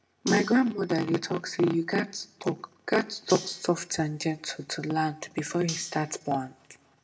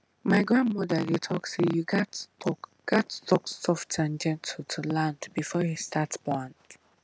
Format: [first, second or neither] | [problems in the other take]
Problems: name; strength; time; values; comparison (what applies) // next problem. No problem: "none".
second | background sound (Cutlery, silverware); 15 dB below the speech // room echo; dies away in 0.3 s